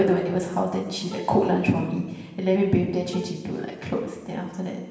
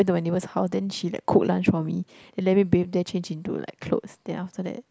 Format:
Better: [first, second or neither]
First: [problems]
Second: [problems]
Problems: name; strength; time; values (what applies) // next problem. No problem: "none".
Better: second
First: background sound (Bowed string instrument); 18 dB below the speech // room echo; dies away in 1.4 s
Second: none